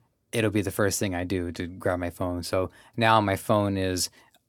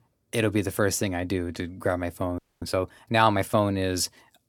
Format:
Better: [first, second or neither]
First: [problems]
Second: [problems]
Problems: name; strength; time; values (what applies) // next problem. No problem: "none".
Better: first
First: none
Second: audio freezing; at 2.5 s